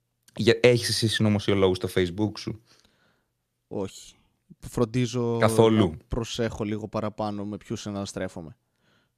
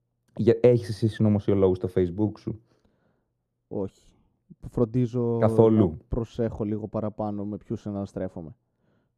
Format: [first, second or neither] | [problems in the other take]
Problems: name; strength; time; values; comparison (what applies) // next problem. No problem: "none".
first | muffled; very; fading above 1.5 kHz